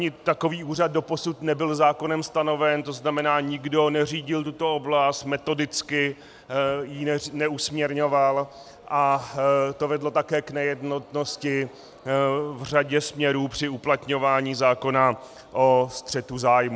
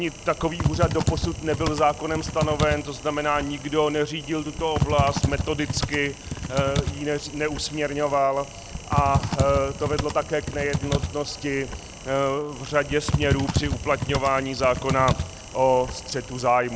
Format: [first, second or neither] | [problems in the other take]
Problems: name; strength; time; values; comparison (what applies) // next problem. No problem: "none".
first | background sound (Typing); 4 dB below the speech